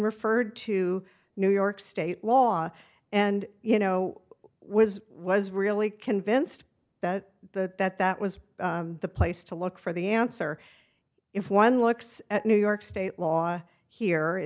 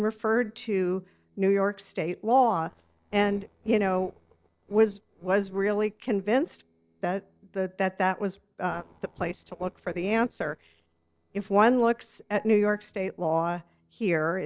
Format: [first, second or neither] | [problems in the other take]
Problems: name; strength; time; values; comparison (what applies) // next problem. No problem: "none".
first | noise reduction (neural separator model SepFormer DNS4)